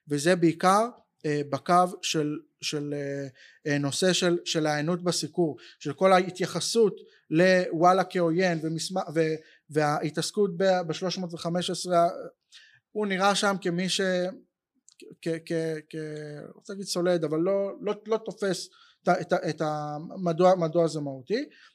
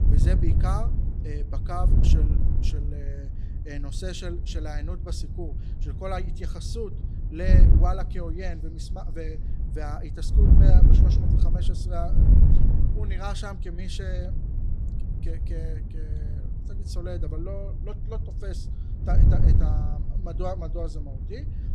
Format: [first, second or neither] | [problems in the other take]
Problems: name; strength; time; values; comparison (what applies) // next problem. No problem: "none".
first | wind noise on the microphone; heavy; 3 dB below the speech